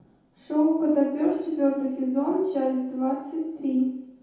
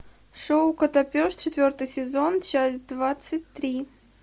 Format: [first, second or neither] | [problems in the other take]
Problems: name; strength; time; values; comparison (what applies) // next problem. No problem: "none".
second | room echo; dies away in 0.8 s